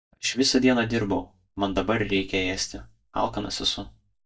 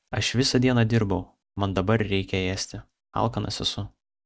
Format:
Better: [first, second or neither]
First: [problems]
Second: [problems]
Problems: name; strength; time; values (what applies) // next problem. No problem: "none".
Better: second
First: noise reduction (neural mask model DeepFilterNet 3)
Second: none